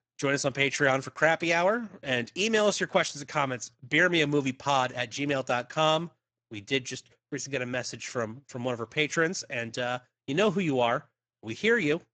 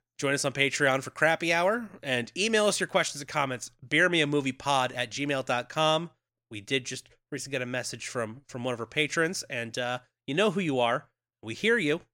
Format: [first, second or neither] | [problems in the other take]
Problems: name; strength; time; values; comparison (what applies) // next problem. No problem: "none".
second | garbled, watery; badly; nothing above 7.5 kHz